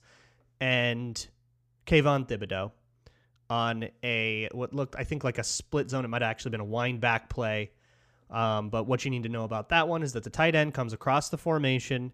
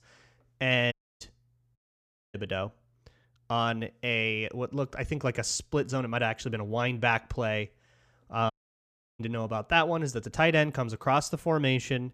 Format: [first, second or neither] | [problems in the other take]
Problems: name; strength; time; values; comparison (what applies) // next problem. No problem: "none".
first | audio cutting out; at 1 s, at 2 s for 0.5 s and at 8.5 s for 0.5 s